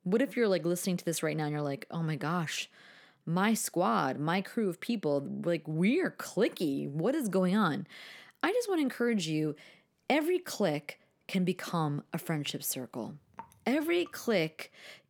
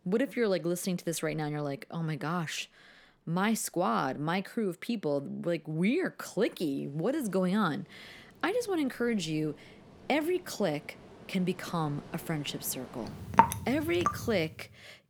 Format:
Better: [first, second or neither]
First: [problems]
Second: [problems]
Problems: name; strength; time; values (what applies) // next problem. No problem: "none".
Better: first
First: rain or running water; faint; throughout; 25 dB below the speech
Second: rain or running water; loud; throughout; 1 dB below the speech